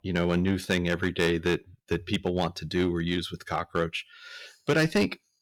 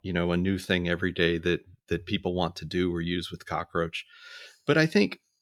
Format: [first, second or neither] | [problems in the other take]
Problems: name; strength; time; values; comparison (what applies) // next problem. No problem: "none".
second | distortion; slight; 4% of the sound clipped